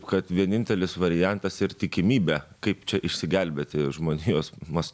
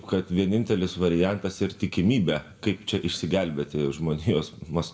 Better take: first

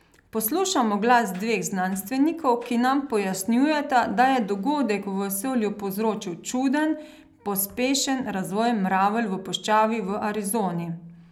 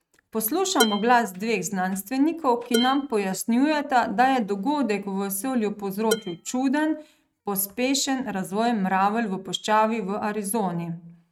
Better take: first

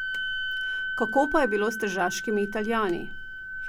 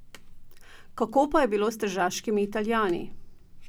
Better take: second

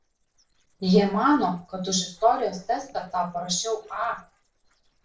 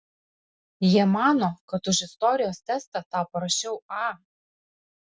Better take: second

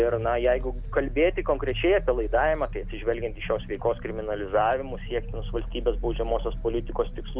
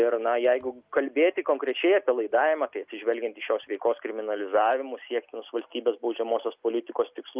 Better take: second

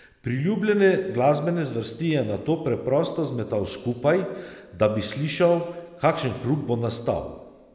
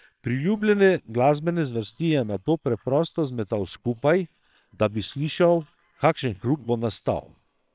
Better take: first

